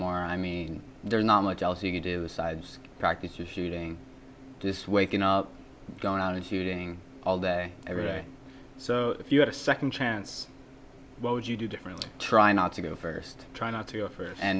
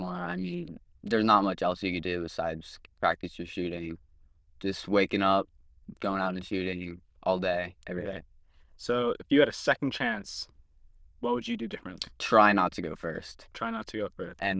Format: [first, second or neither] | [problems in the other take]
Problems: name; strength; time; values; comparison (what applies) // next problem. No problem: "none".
first | noise reduction (neural diffusion model UNIVERSE++)